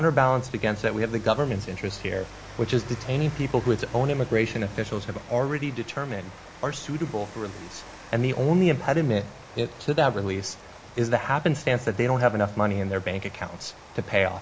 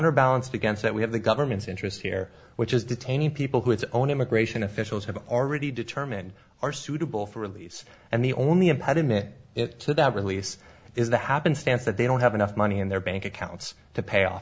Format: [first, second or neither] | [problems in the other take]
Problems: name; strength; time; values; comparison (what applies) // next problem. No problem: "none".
second | background sound (Rain); 18 dB below the speech